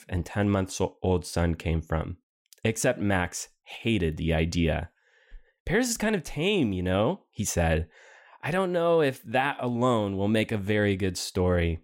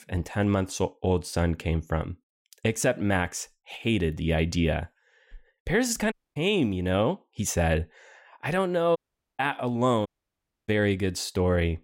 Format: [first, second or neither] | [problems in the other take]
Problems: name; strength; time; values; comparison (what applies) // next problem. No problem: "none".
first | audio cutting out; at 6 s, at 9 s and at 10 s for 0.5 s